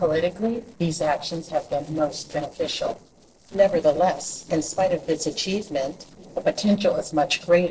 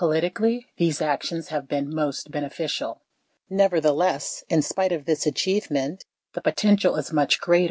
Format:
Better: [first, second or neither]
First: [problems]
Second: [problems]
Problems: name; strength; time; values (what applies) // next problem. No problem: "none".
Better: second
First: noise reduction (neural separator model SepFormer DNS4)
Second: none